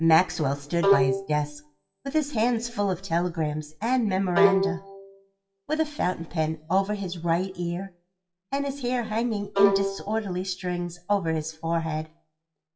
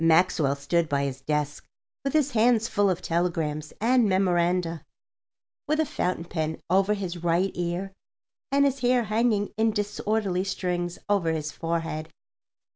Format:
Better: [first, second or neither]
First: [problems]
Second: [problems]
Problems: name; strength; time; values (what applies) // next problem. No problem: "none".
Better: second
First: noise reduction (classical method WPE with log-MMSE)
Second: none